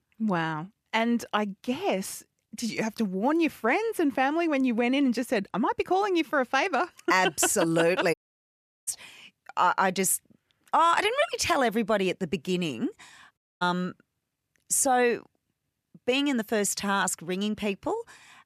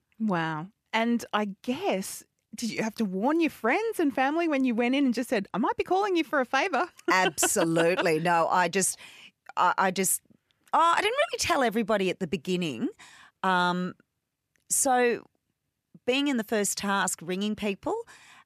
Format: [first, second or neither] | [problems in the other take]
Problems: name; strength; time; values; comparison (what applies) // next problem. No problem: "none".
second | audio cutting out; at 8 s for 0.5 s and at 13 s